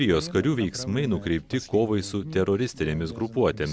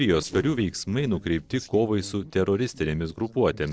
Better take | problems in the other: first | noise reduction (neural separator model SepFormer DNS4)

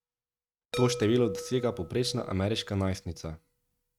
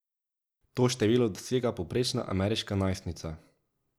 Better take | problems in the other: second | noise reduction (neural mask model RNNoise)

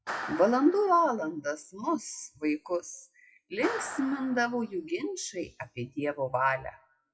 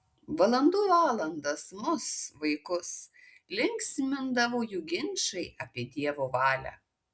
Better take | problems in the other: second | noise reduction (classical method WPE with log-MMSE)

